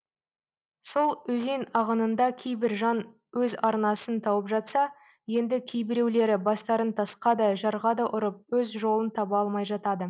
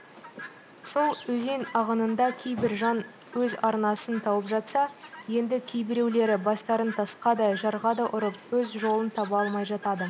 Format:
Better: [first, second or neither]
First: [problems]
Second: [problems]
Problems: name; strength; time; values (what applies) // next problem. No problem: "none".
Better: first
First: none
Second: background sound (Chirp, tweet); 16 dB below the speech